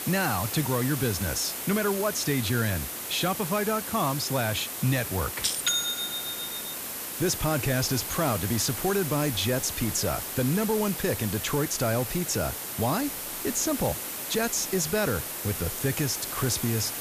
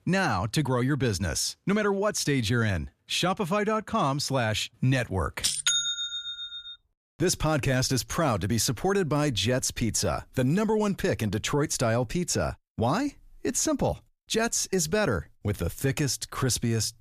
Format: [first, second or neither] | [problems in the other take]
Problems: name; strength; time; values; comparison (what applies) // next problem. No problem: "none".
second | hiss; loud; throughout; 4 dB below the speech